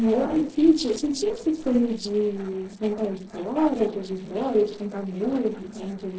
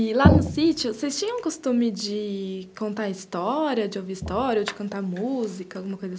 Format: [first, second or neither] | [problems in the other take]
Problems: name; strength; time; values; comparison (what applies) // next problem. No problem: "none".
second | noise reduction (neural separator model SepFormer DNS4)